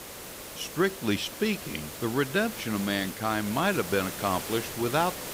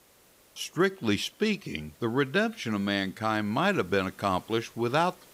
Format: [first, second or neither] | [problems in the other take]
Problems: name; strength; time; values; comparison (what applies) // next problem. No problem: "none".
second | hiss; loud; throughout; 8 dB below the speech; faint in the second